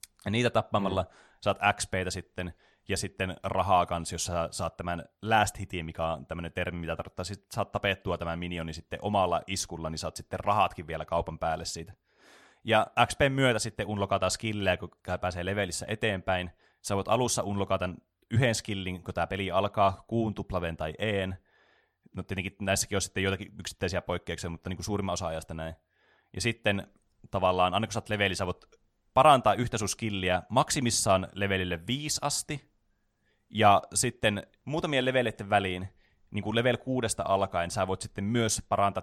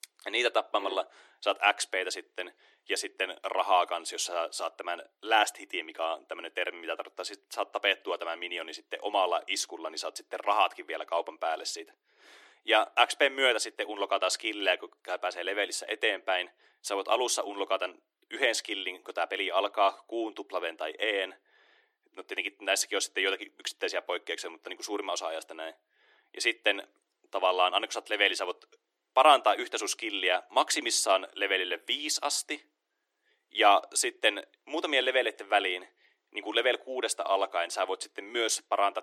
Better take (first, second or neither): first